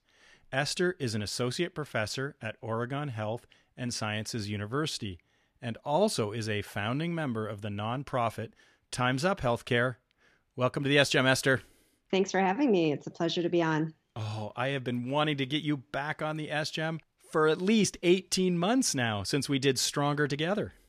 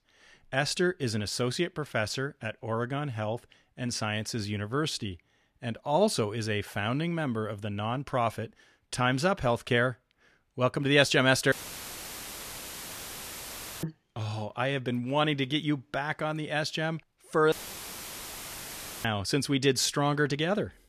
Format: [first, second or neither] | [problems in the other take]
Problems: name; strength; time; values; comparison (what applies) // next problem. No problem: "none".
first | audio cutting out; filled with static; at 12 s for 2.5 s and at 18 s for 1.5 s